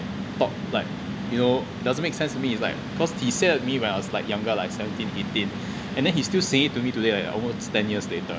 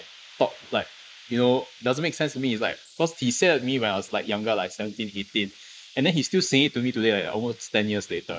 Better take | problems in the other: first | noise reduction (neural mask model Resemble Enhance denoiser)

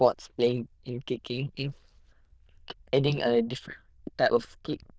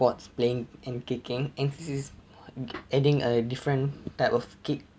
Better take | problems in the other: second | noise reduction (neural diffusion model UNIVERSE++)

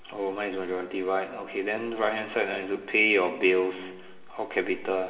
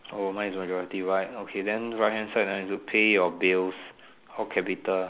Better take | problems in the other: second | room echo; dies away in 1.2 s

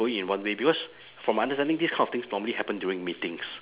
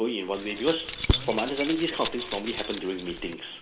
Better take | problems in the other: first | background sound (Keys jangling); 3 dB below the speech // room echo; dies away in 2.7 s

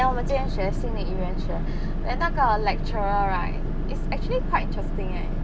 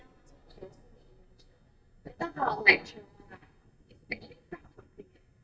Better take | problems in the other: first | noise reduction (neural mask model DeepFilterNet 3)

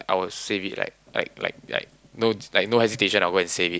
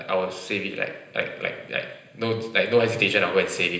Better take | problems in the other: first | room echo; dies away in 0.9 s

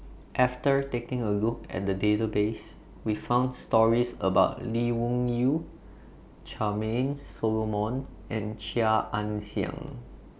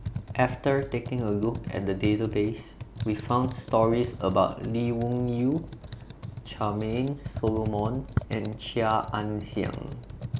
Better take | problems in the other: first | background sound (Computer keyboard); 9 dB below the speech

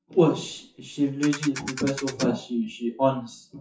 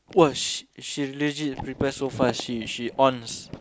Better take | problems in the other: second | noise reduction (classical method WPE with log-MMSE)

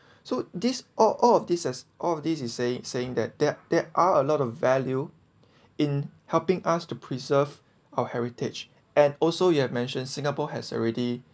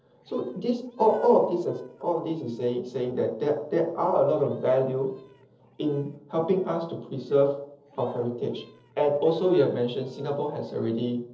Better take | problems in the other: first | noise reduction (neural separator model SepFormer DNS4)

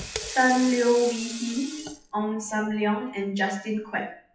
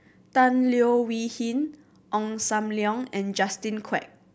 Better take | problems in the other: second | noise reduction (classical method WPE with log-MMSE)

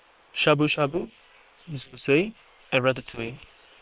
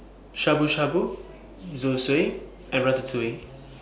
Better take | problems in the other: second | noise reduction (neural separator model SepFormer WHAM!)

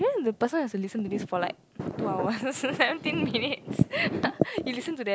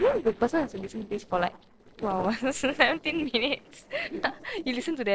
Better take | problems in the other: first | noise reduction (neural separator model SepFormer DNS4)

